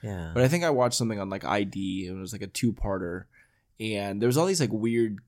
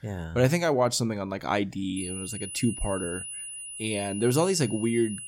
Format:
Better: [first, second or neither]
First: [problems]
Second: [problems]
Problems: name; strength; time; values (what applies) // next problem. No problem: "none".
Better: first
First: none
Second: high-pitched whine; loud; from 2 s on; 10 kHz, 8 dB below the speech